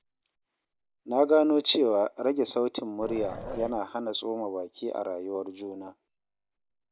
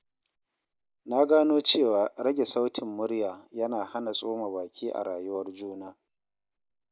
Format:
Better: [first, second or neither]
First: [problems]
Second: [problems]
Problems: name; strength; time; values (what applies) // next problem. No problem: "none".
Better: second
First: background sound (Growling); 11 dB below the speech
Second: none